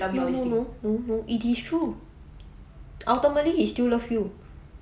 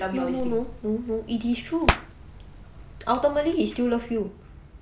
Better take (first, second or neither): first